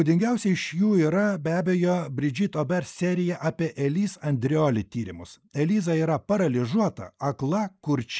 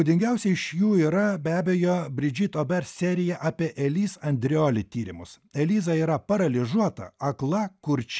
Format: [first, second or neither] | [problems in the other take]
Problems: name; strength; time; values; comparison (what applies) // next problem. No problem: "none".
second | noise reduction (neural mask model Resemble Enhance denoiser)